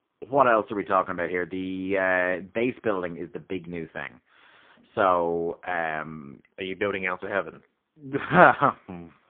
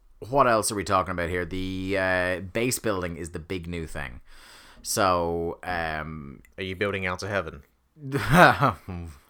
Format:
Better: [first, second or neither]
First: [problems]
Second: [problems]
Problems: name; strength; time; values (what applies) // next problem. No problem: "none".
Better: second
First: phone-call audio; poor line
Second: none